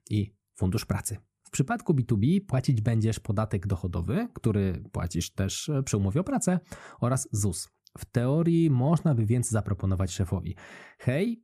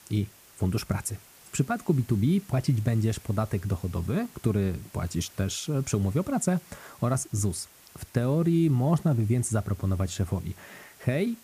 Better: first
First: none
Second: hiss; faint; throughout; 25 dB below the speech

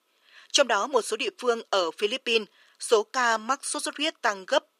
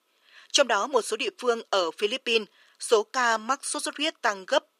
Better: neither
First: thin; very; fading below 400 Hz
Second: thin; very; fading below 400 Hz

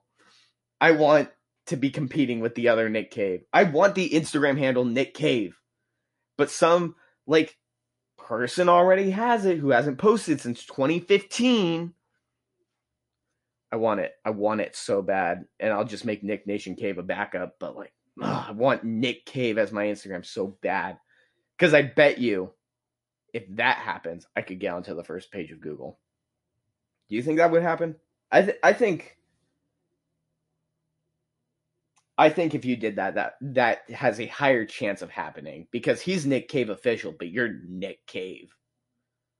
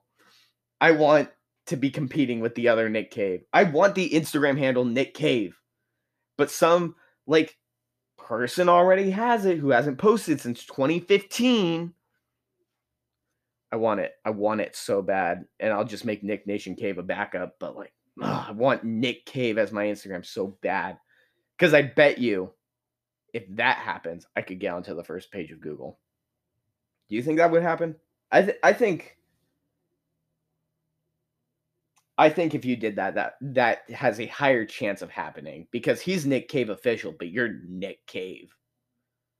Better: second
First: garbled, watery; slightly; nothing above 11 kHz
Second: none

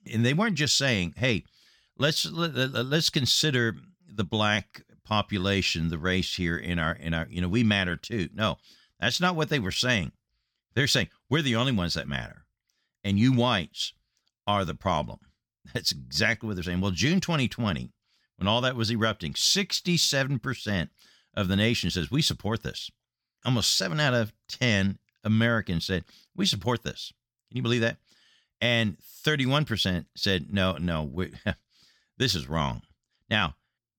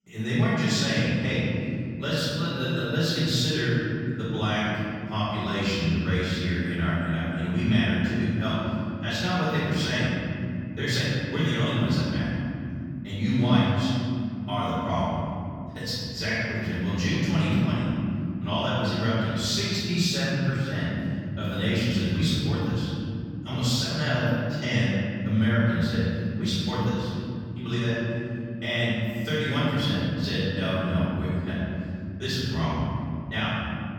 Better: first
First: none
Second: off-mic speech; far // room echo; strong; dies away in 3 s

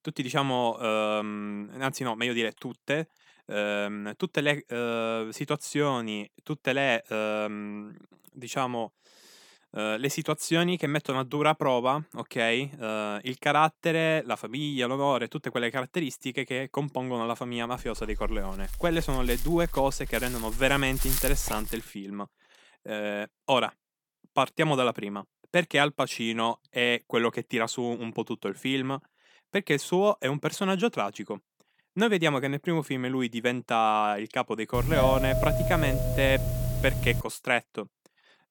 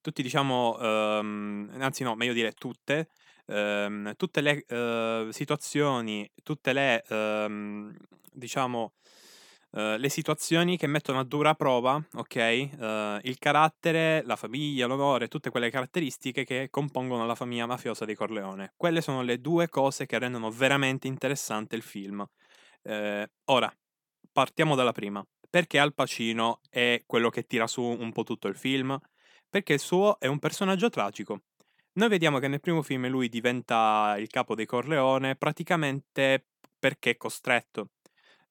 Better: second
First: dog barking; loud; from 18 to 22 s; peak 1 dB above the speech // doorbell; loud; from 35 to 37 s; peak 2 dB above the speech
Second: none

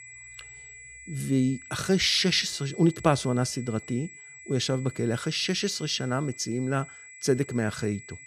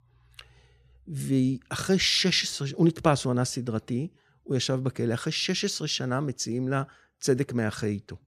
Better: second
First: high-pitched whine; noticeable; throughout; 2 kHz, 15 dB below the speech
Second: none

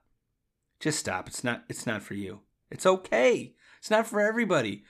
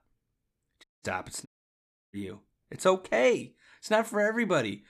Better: first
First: none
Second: audio cutting out; at 1 s and at 1.5 s for 0.5 s

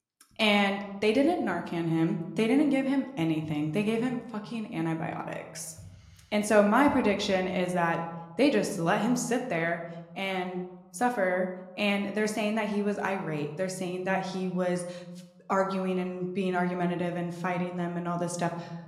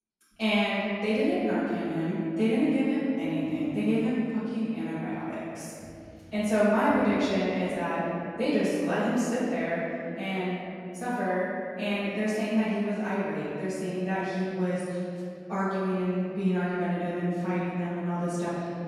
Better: first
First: room echo; slight; dies away in 0.9 s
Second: room echo; strong; dies away in 2.8 s // off-mic speech; far

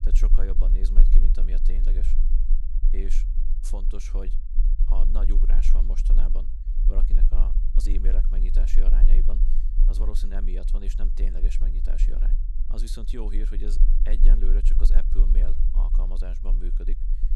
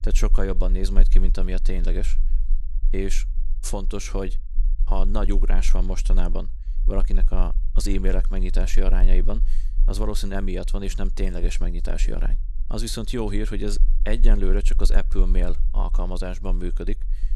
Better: second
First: low rumble; loud; throughout; 7 dB below the speech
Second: low rumble; faint; throughout; 20 dB below the speech

